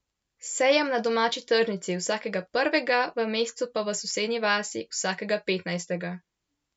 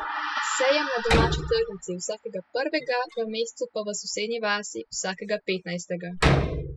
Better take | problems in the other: first | noise reduction (classical method spectral subtraction)

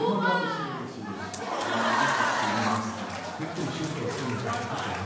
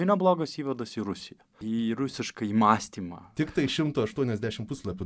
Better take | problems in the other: second | background sound (Applause / Crowd); 3 dB above the speech // room echo; dies away in 1 s

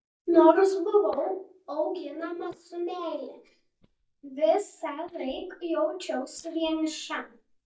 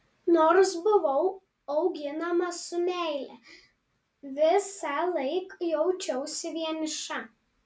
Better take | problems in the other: second | noise reduction (neural mask model DeepFilterNet 3)

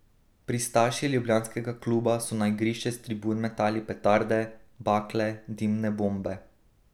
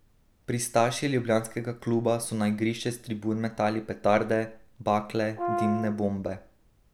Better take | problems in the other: first | background sound (Brass instrument); 4 dB below the speech

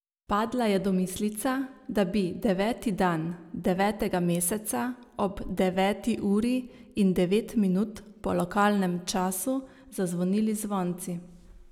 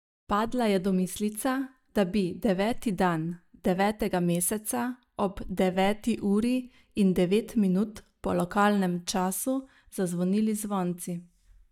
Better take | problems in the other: first | noise reduction (neural mask model DeepFilterNet 3)

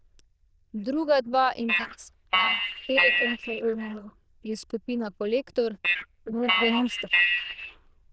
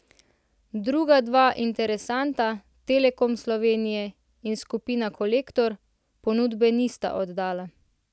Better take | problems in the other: second | noise reduction (neural diffusion model UNIVERSE++)

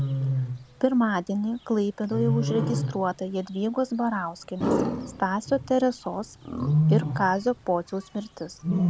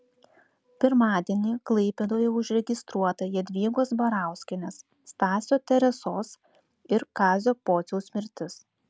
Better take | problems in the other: second | background sound (Wild animals); 2 dB below the speech

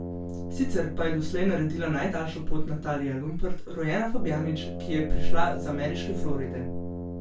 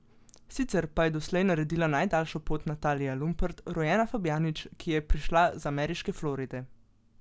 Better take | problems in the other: second | background sound (Brass instrument); 11 dB below the speech // room echo; dies away in 0.2 s

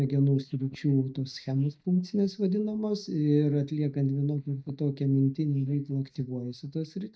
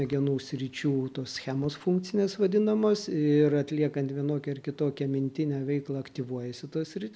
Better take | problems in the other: second | noise reduction (neural mask model DeepFilterNet 3)

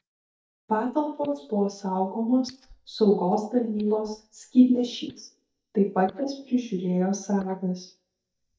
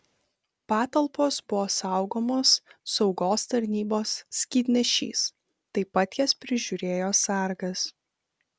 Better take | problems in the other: second | noise reduction (neural mask model DeepFilterNet 3)

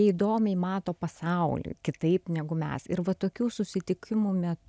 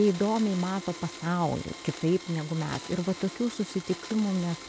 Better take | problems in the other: first | background sound (Domestic sounds, home sounds); 14 dB below the speech

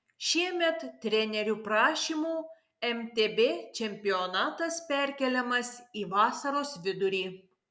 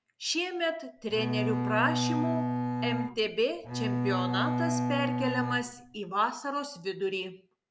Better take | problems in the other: first | background sound (Bowed string instrument); 2 dB above the speech

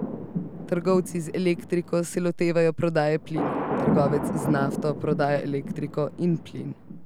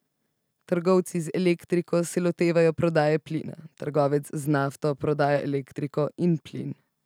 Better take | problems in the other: second | background sound (Thunder); 5 dB below the speech

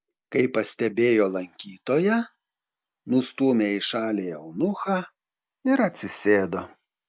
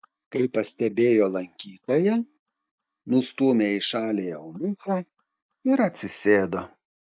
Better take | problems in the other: first | noise reduction (neural mask model DeepFilterNet 3)

